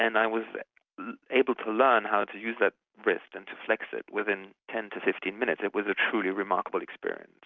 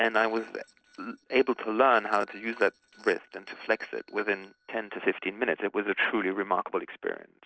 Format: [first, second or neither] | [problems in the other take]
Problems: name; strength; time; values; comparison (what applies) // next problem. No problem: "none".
first | noise reduction (neural separator model SepFormer DNS4)